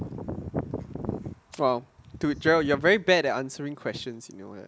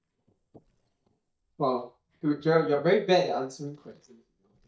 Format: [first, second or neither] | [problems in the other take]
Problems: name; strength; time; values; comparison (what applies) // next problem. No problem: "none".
first | noise reduction (neural mask model DeepFilterNet 3)